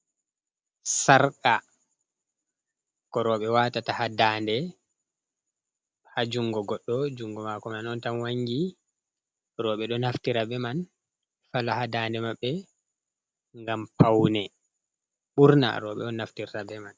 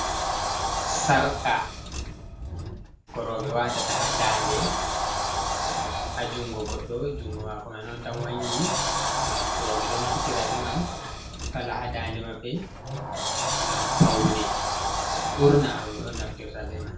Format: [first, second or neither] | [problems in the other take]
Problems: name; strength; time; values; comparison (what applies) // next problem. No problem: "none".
first | background sound (Sliding door); as loud as the speech // room echo; dies away in 0.3 s